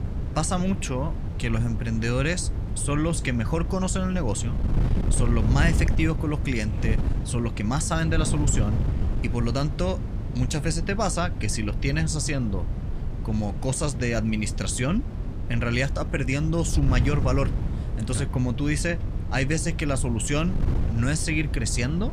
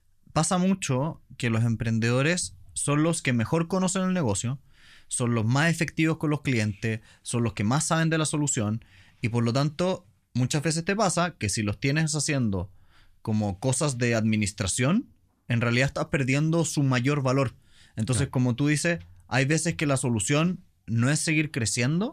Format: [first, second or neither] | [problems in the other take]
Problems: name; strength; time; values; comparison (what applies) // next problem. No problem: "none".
second | wind noise on the microphone; occasional gusts; 10 dB below the speech